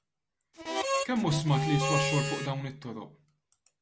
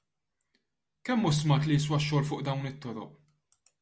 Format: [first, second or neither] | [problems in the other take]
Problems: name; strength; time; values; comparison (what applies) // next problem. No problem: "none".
second | background sound (Harmonica); 1 dB below the speech